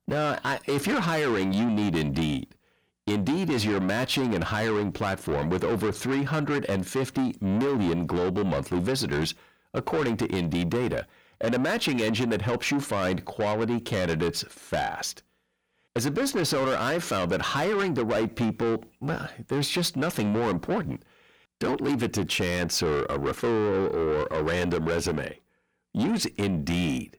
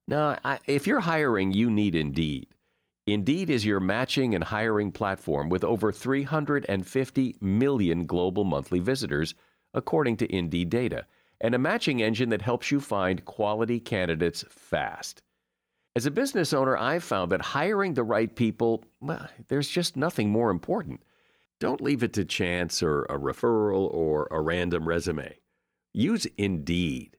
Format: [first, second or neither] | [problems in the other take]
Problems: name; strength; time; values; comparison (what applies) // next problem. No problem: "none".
second | distortion; heavy; 7 dB below the speech